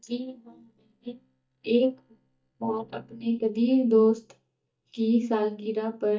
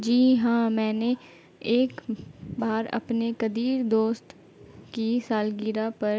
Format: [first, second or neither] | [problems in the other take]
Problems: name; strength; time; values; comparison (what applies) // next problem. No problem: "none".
second | noise reduction (neural mask model DeepFilterNet 3)